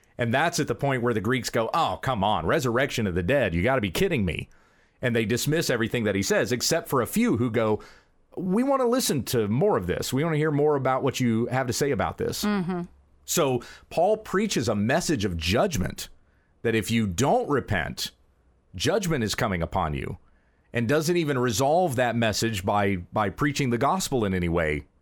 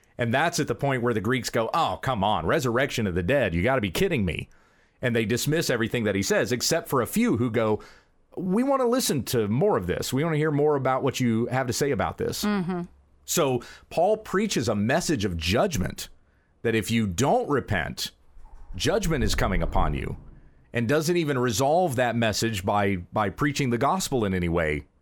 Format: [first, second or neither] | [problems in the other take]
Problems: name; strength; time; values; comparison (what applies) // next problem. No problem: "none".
first | dog barking; noticeable; from 18 to 20 s; peak 8 dB below the speech